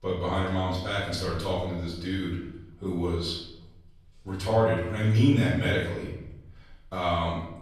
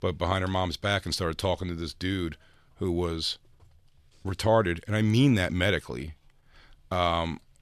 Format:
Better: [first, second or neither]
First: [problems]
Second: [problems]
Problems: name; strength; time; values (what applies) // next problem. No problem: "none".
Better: second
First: off-mic speech; far // room echo; noticeable; dies away in 0.8 s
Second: none